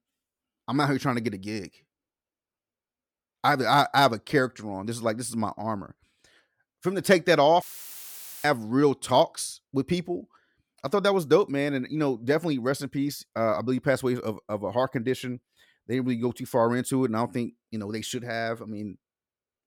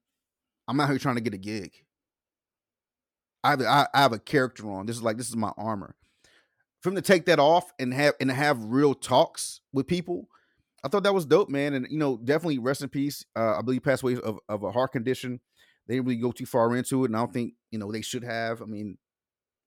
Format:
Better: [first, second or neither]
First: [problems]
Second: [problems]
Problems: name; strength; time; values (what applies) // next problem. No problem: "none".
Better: second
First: audio cutting out; filled with static; at 7.5 s for 1 s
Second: none